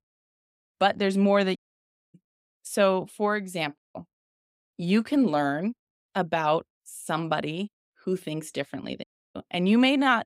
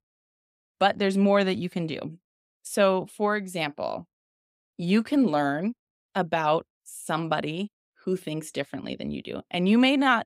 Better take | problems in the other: second | audio cutting out; at 1.5 s for 0.5 s, at 4 s and at 9 s

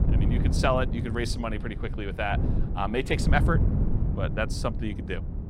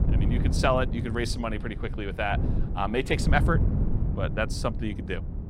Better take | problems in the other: second | wind noise on the microphone; heavy; 10 dB below the speech; occasional gusts in the second

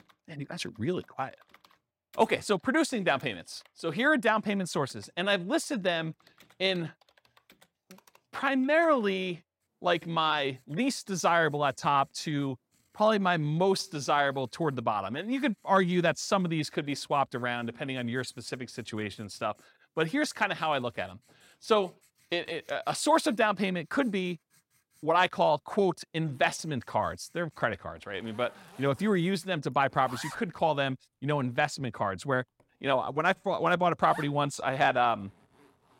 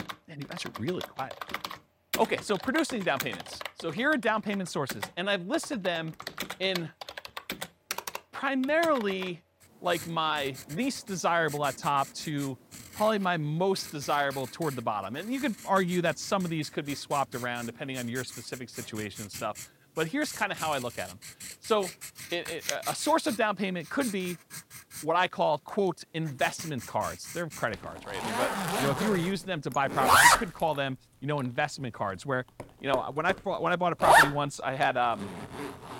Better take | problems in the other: first | household noises; loud; throughout; 1 dB below the speech; faint in the first

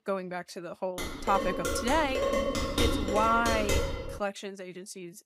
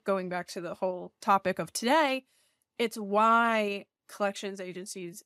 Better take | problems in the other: second | clattering dishes; loud; from 1 to 4 s; peak 3 dB above the speech

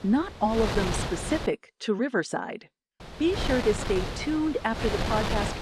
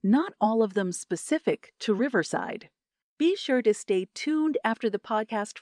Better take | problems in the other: second | wind noise on the microphone; heavy; until 1.5 s and from 3 s on; 4 dB below the speech

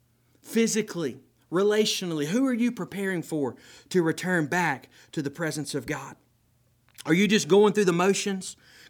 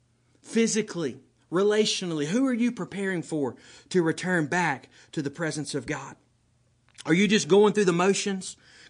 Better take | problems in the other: first | garbled, watery; slightly; nothing above 9 kHz

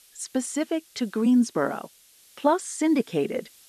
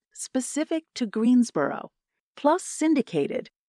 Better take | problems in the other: second | hiss; faint; throughout; 25 dB below the speech

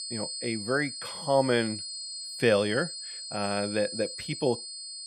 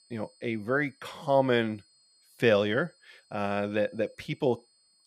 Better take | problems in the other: second | high-pitched whine; loud; throughout; 4.5 kHz, 7 dB below the speech; faint in the second

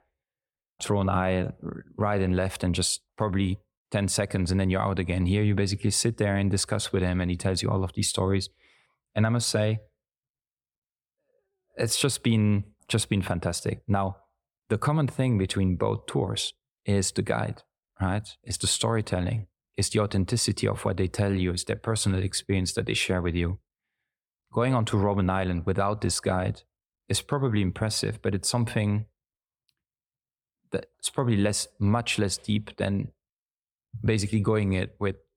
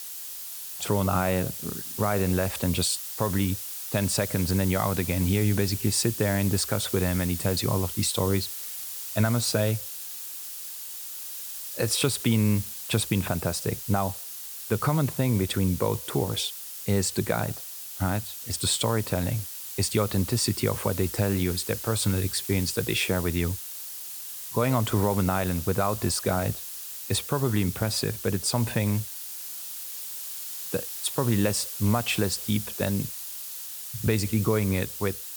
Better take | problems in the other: first | hiss; loud; throughout; 7 dB below the speech

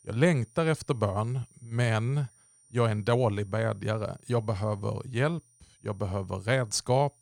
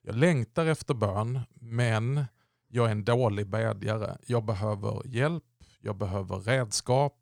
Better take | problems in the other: second | high-pitched whine; faint; throughout; 9 kHz, 30 dB below the speech

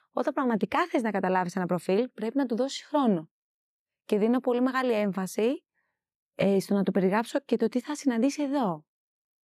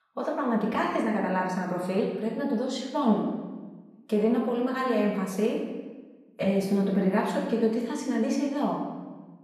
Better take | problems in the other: first | off-mic speech; far // room echo; noticeable; dies away in 1.1 s

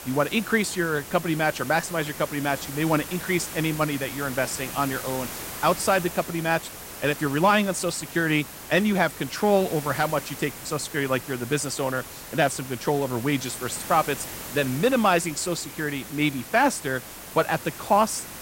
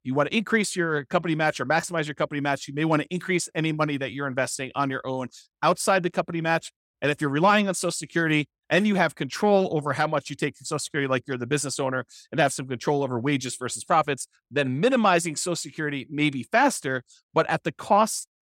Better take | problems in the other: second | hiss; noticeable; throughout; 10 dB below the speech

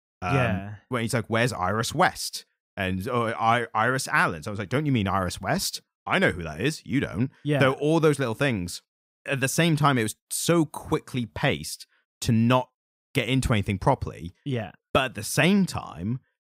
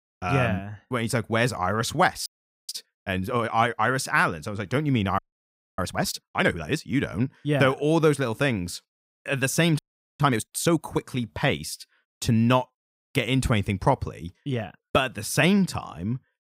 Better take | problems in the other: first | audio freezing; at 2.5 s, at 5 s for 0.5 s and at 10 s

